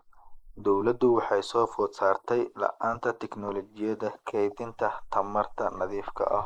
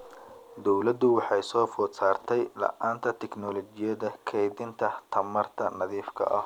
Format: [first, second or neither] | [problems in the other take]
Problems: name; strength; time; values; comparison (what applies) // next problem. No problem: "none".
second | noise reduction (neural mask model Resemble Enhance denoiser)